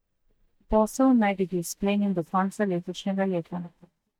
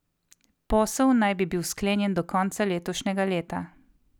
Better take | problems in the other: second | noise reduction (neural mask model DeepFilterNet 3)

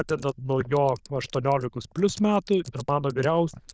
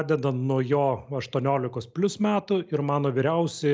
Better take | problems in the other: second | noise reduction (neural diffusion model UNIVERSE++)

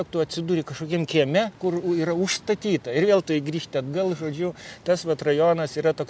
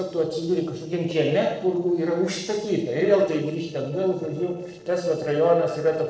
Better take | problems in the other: first | noise reduction (neural separator model SepFormer DNS4)

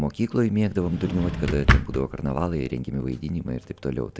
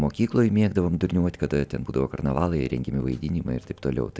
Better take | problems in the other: second | background sound (Drawer open or close); as loud as the speech

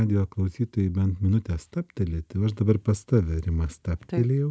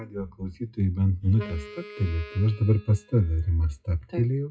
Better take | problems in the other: first | noise reduction (classical method WPE with log-MMSE)

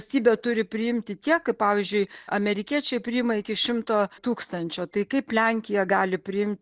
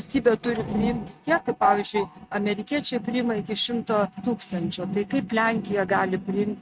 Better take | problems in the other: first | noise reduction (neural mask model RNNoise)

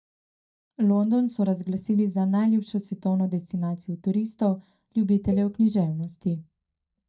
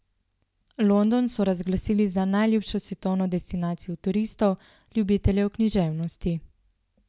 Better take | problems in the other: second | noise reduction (neural mask model DeepFilterNet 3)

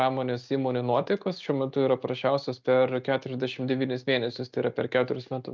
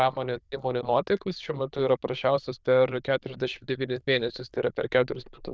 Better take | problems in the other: first | noise reduction (neural diffusion model UNIVERSE++)

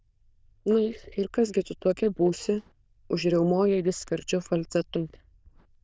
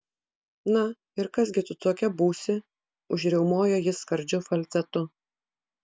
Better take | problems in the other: second | noise reduction (neural diffusion model UNIVERSE++)

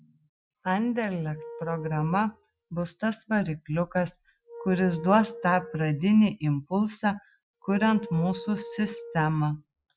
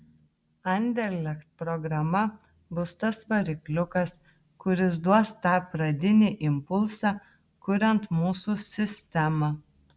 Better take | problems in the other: second | noise reduction (classical method Wiener filter)

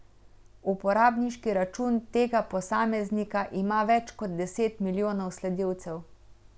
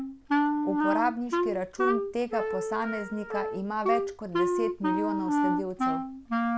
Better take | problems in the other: first | background sound (Wind instrument, woodwind instrument); 4 dB above the speech

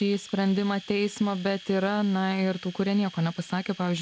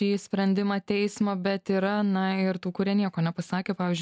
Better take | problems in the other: second | background sound (Domestic sounds, home sounds); 20 dB below the speech

